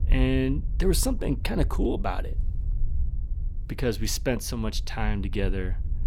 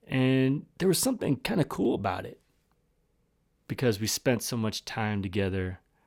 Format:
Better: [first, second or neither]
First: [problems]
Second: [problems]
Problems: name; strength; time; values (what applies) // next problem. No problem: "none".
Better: second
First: wind noise on the microphone; occasional gusts; 20 dB below the speech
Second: none